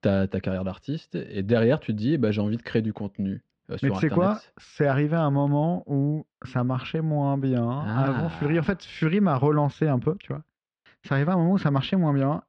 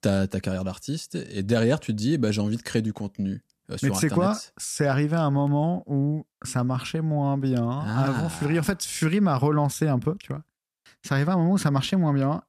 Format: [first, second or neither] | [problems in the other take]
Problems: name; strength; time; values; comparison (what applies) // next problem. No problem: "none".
second | muffled; very; fading above 3.5 kHz